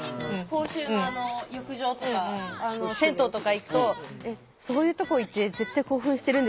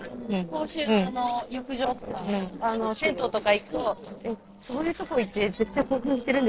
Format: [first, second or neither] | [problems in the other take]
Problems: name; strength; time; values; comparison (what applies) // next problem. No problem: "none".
first | noise reduction (neural separator model SepFormer DNS4)